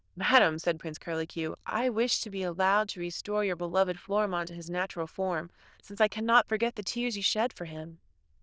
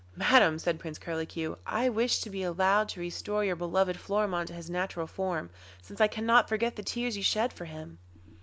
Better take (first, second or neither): second